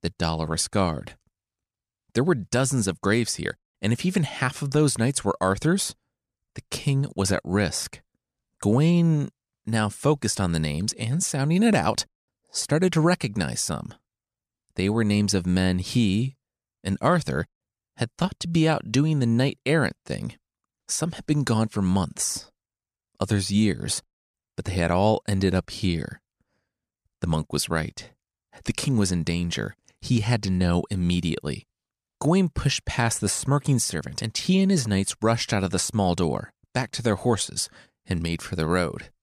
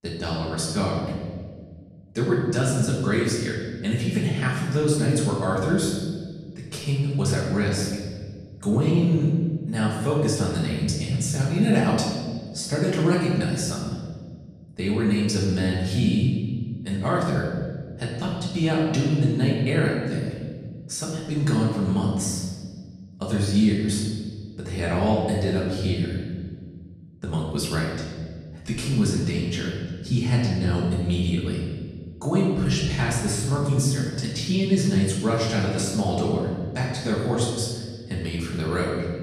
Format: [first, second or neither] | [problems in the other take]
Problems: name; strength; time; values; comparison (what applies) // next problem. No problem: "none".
first | room echo; noticeable; dies away in 1.6 s // off-mic speech; far